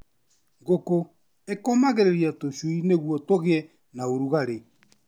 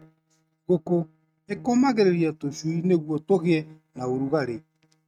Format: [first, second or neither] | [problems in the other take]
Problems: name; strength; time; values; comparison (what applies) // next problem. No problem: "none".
first | noise reduction (neural mask model RNNoise)